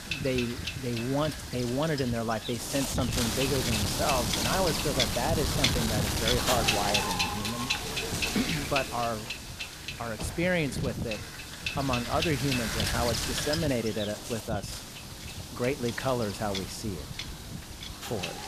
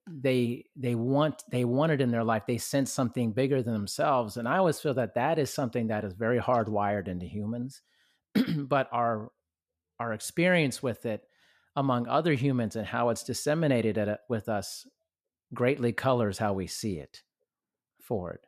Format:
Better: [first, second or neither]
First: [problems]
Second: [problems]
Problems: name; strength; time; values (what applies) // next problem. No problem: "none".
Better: second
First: wind noise on the microphone; heavy; 1 dB above the speech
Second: none